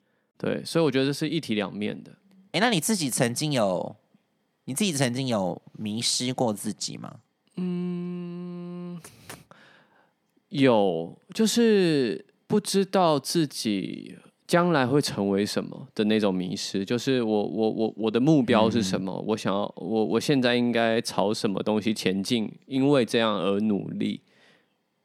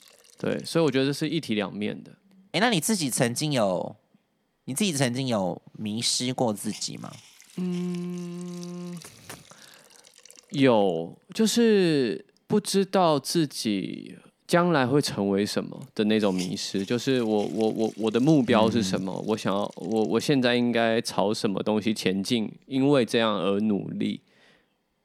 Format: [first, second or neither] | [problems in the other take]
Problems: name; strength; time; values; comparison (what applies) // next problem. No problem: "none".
first | hiss; faint; throughout; 25 dB below the speech